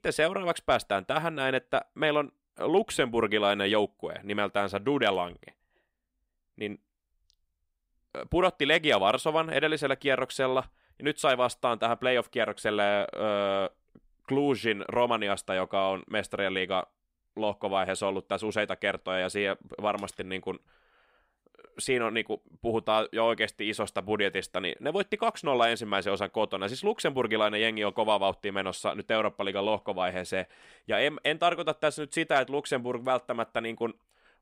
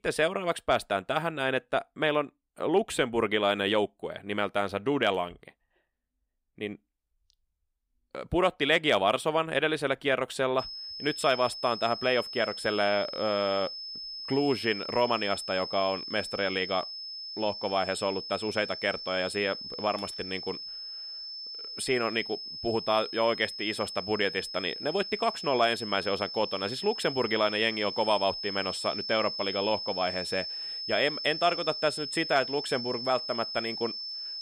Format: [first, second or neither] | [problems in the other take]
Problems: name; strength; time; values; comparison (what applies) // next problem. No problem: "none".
first | high-pitched whine; loud; from 11 s on; 5 kHz, 7 dB below the speech